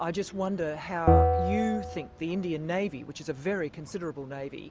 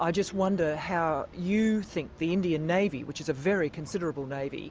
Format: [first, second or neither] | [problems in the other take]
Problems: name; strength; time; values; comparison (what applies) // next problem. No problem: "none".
second | background sound (Bell); 5 dB above the speech